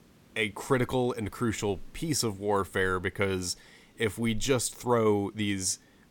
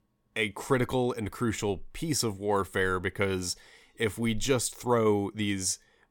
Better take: second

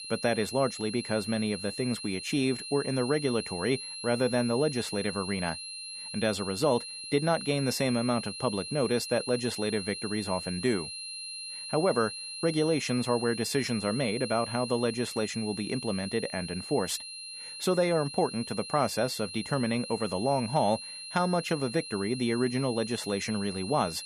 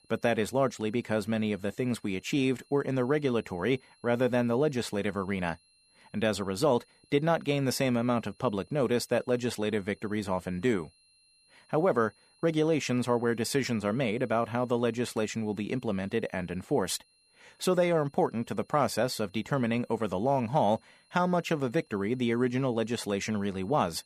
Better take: second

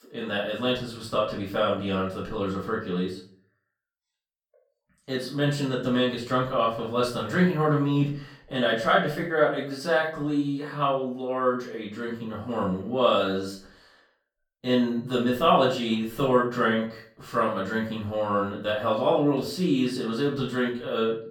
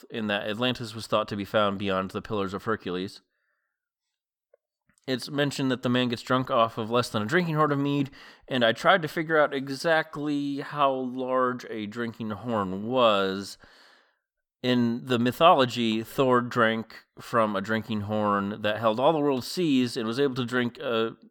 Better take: second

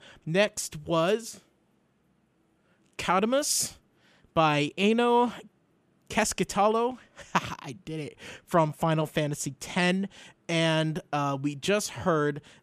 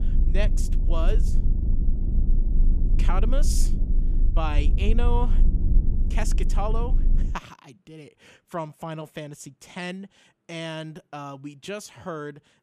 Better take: first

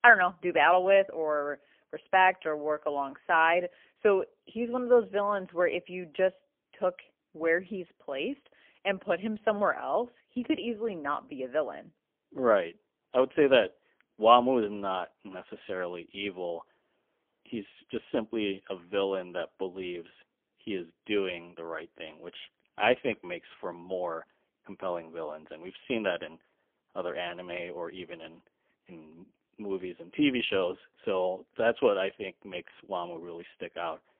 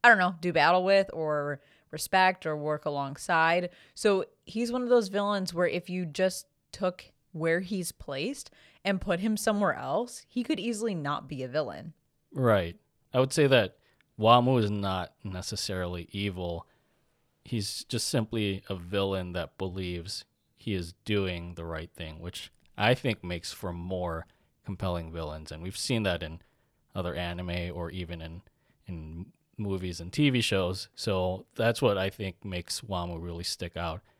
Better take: second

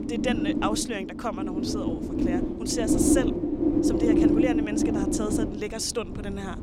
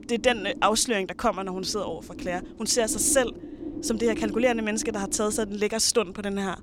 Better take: second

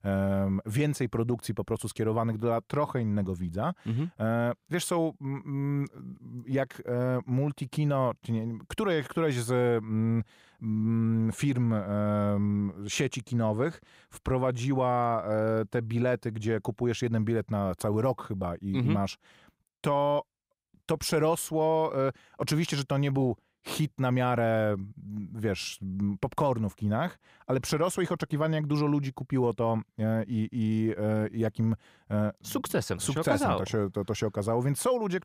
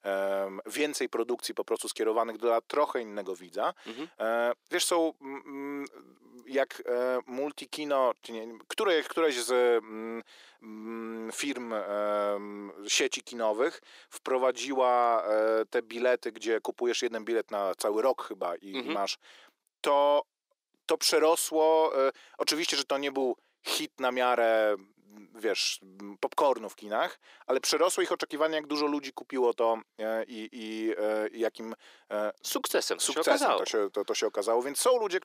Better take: first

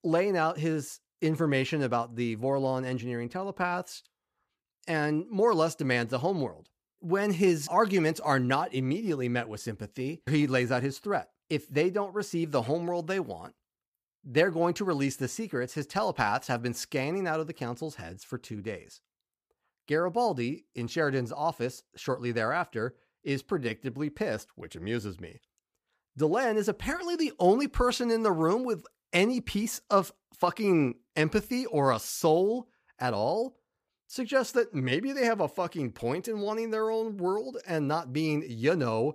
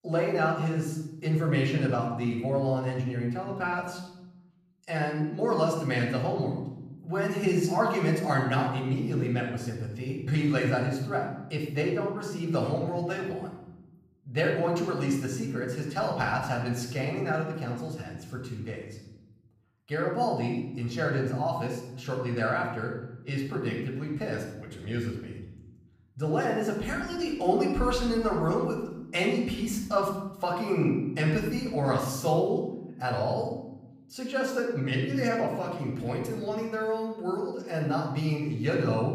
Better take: first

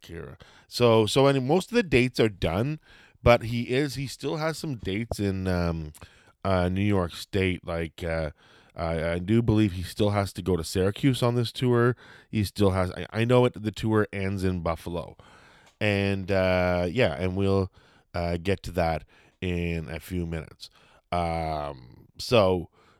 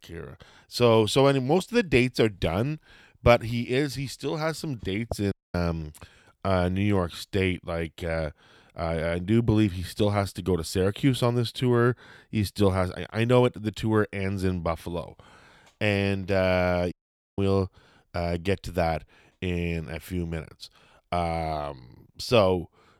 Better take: first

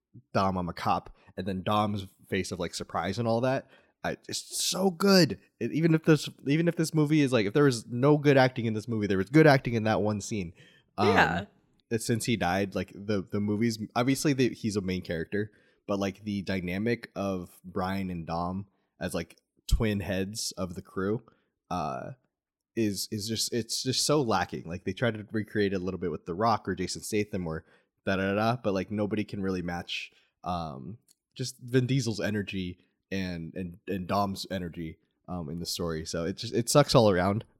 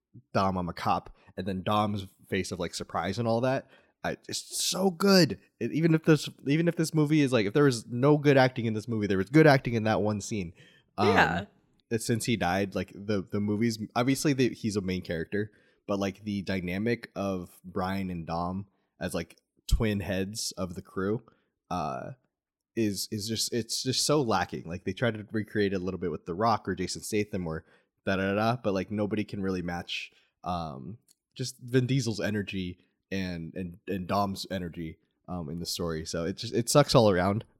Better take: neither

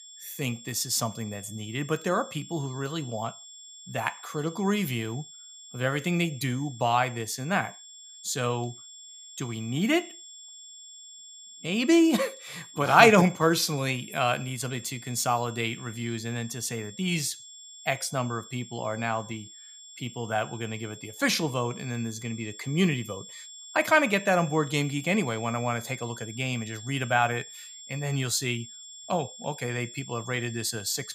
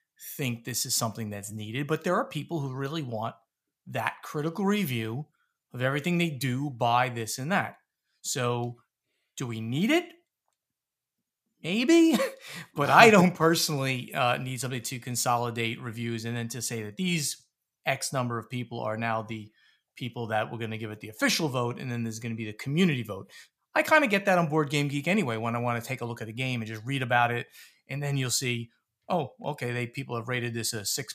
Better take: second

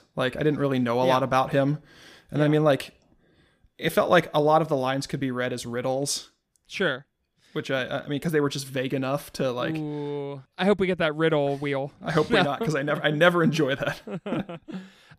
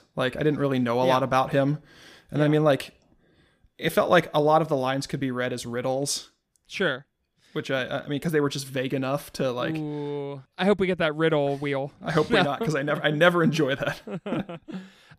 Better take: neither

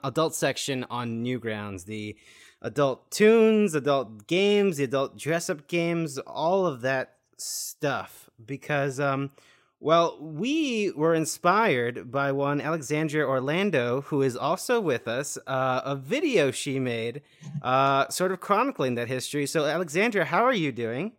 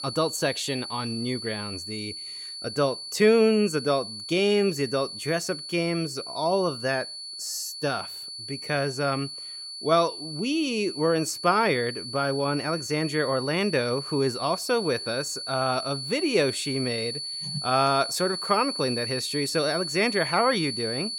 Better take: first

